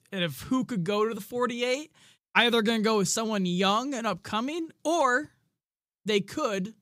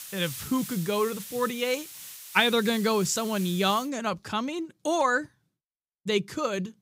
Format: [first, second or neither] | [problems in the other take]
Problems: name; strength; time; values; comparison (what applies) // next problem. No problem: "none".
first | hiss; noticeable; until 4 s; 10 dB below the speech